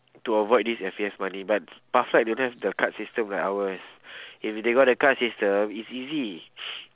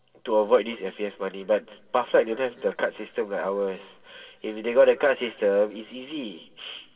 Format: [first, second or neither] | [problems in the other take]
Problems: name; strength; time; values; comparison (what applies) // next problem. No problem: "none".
first | room echo; dies away in 1.6 s